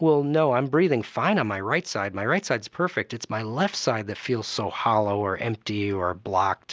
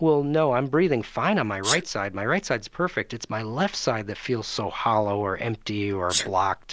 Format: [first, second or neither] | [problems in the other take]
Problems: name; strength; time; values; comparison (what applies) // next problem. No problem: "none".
first | background sound (Sneeze); 13 dB below the speech